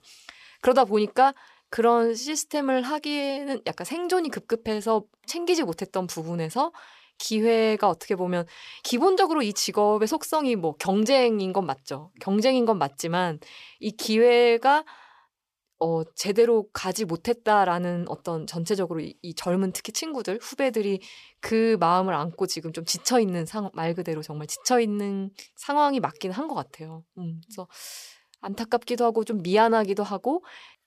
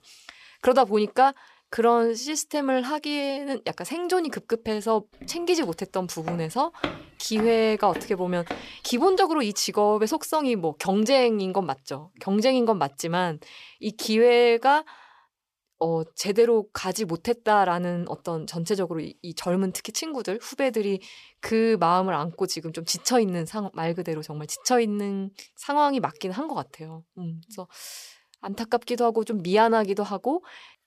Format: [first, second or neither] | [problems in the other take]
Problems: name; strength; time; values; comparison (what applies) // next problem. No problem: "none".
first | footsteps; noticeable; from 5 to 8.5 s; peak 8 dB below the speech